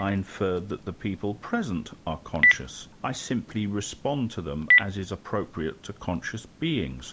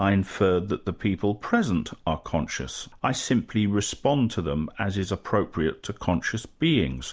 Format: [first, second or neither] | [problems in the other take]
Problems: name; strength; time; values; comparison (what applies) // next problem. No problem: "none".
second | background sound (Telephone); as loud as the speech